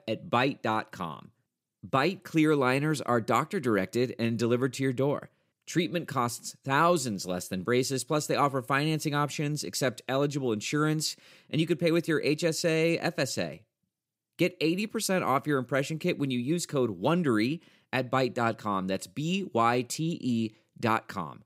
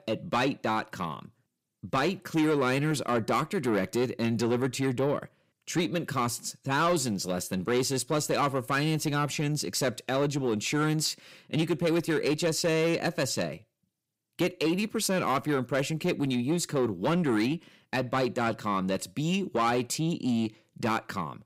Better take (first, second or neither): first